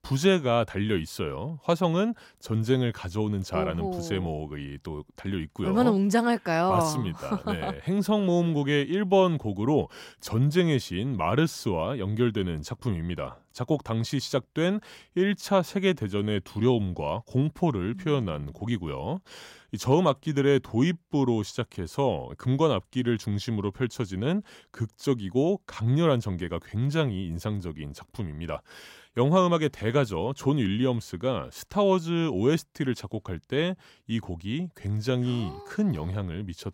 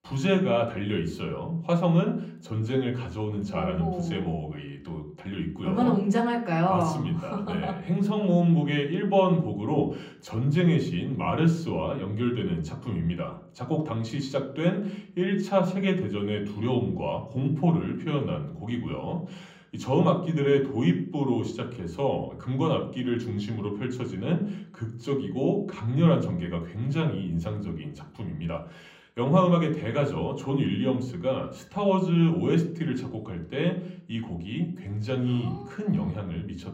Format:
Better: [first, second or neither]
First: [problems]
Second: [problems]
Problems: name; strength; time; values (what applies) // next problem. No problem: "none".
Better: first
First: none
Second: room echo; slight; dies away in 0.6 s // off-mic speech; somewhat distant